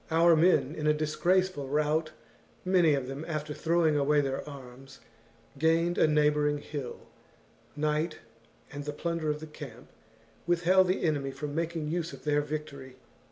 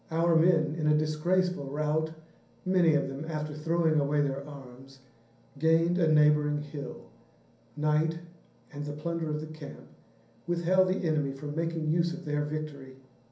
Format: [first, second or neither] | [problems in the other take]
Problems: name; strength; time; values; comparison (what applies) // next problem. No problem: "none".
first | room echo; dies away in 0.6 s